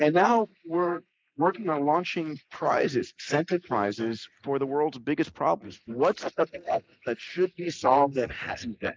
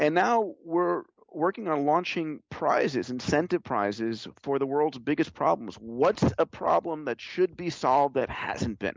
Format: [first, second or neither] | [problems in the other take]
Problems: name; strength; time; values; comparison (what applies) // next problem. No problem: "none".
second | noise reduction (neural mask model Resemble Enhance denoiser)